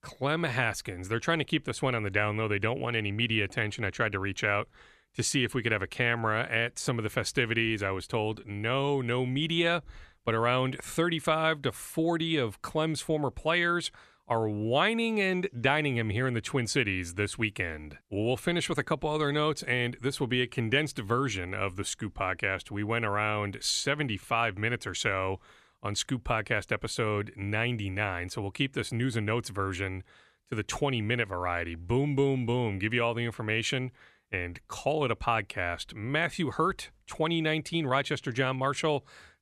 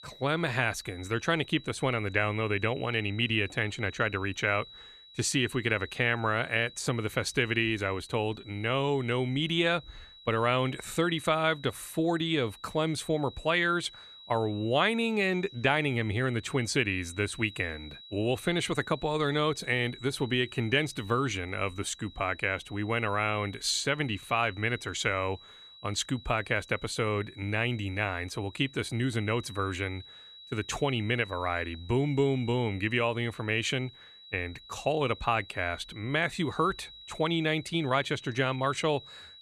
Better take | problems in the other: first | high-pitched whine; noticeable; throughout; 4 kHz, 20 dB below the speech

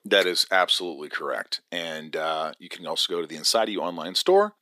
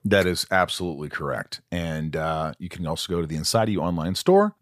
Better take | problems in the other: second | thin; somewhat; fading below 300 Hz

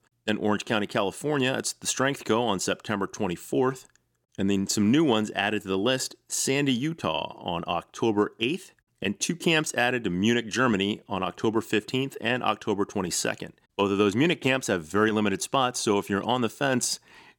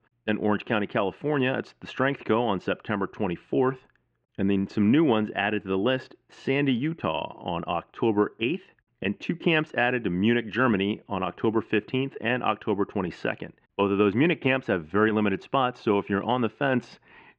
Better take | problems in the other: first | muffled; very; fading above 2.5 kHz

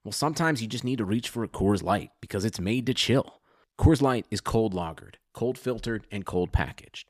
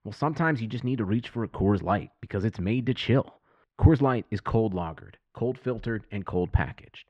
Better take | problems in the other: first | muffled; very; fading above 2 kHz

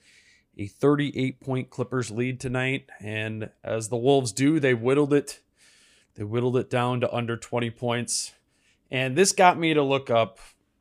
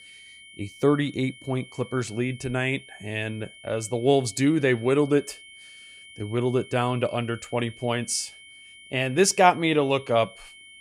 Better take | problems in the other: first | high-pitched whine; faint; throughout; 2 kHz, 20 dB below the speech

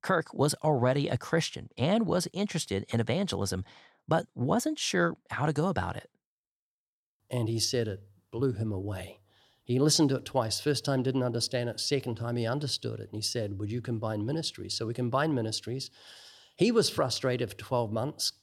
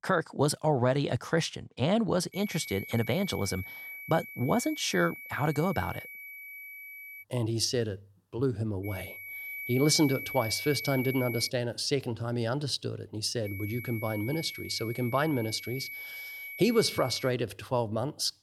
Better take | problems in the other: first | high-pitched whine; loud; from 2.5 to 7 s, from 9 to 11 s and from 13 to 17 s; 2.5 kHz, 10 dB below the speech

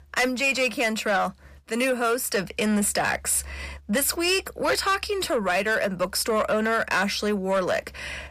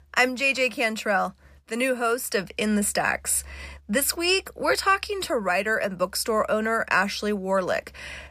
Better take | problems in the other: second | distortion; slight; 10 dB below the speech

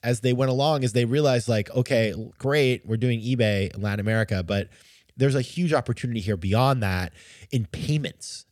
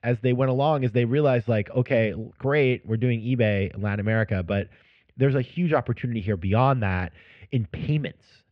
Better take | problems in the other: first | muffled; very; fading above 2.5 kHz

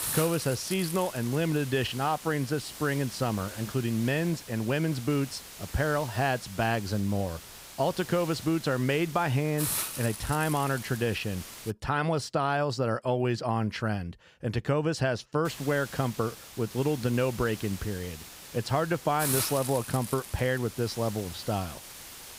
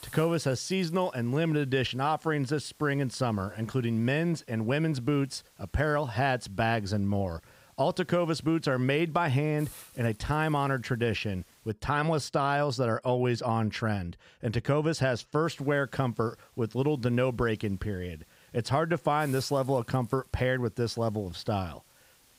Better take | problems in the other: second | hiss; loud; until 12 s and from 15 s on; 9 dB below the speech; faint in the second

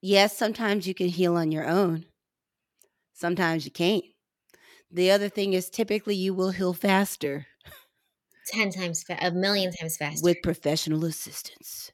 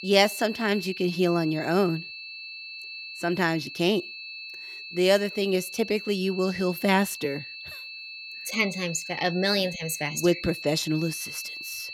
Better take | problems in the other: first | high-pitched whine; noticeable; throughout; 2.5 kHz, 10 dB below the speech

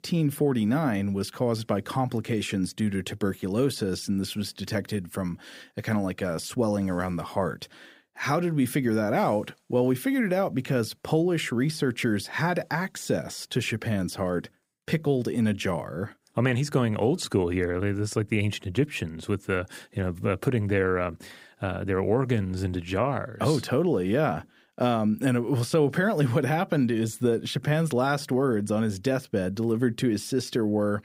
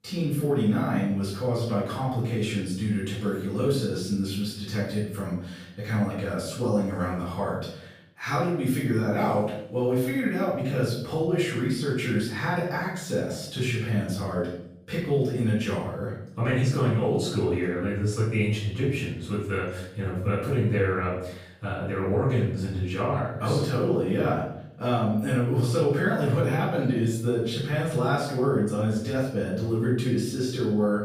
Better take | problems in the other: first | off-mic speech; far // room echo; noticeable; dies away in 0.6 s

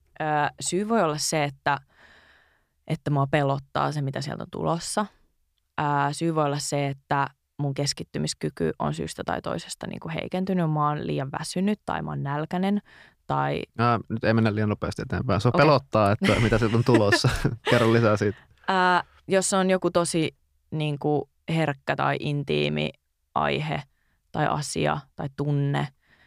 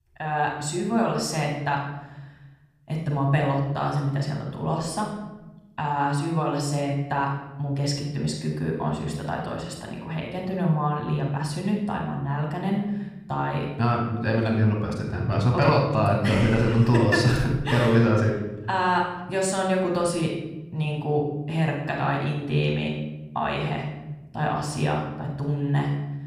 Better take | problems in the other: first | off-mic speech; somewhat distant // room echo; noticeable; dies away in 1.1 s

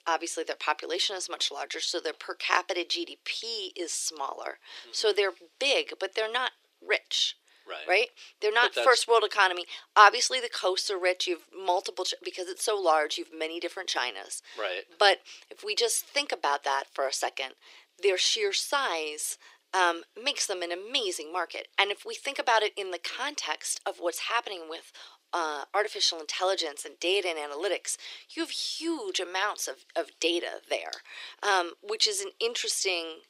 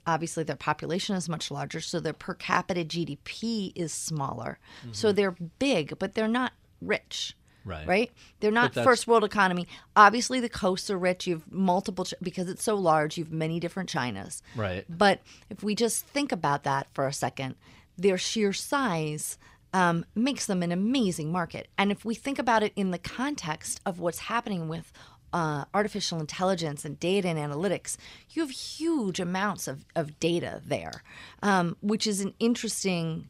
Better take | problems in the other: second | thin; very; fading below 350 Hz

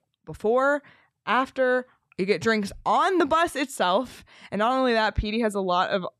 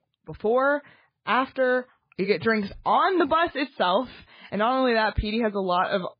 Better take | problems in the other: first | garbled, watery; badly; nothing above 4.5 kHz

